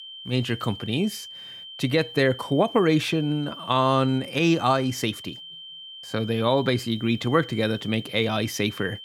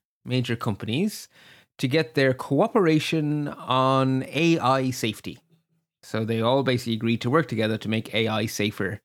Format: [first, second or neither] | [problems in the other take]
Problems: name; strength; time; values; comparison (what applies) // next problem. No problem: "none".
second | high-pitched whine; noticeable; throughout; 3 kHz, 15 dB below the speech